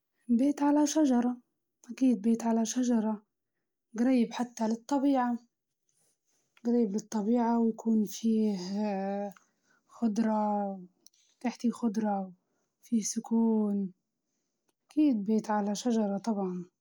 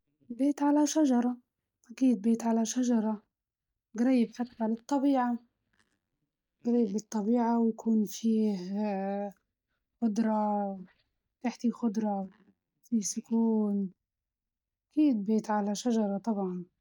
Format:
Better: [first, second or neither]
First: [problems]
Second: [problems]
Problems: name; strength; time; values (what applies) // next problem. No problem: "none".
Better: first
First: none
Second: noise reduction (neural mask model DeepFilterNet 3)